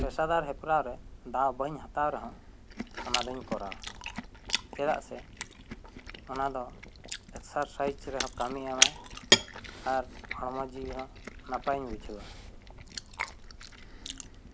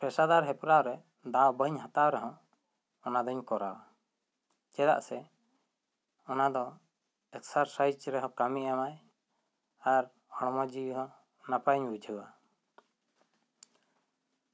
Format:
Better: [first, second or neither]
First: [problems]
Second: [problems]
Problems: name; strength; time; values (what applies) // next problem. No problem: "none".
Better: second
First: background sound (Chewing, mastication); 1 dB below the speech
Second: none